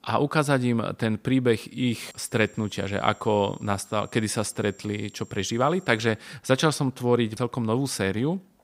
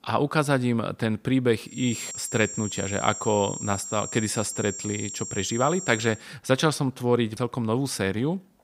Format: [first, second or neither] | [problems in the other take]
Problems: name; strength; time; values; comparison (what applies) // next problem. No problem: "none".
first | high-pitched whine; loud; from 2 to 6 s; 7.5 kHz, 8 dB below the speech; faint in the first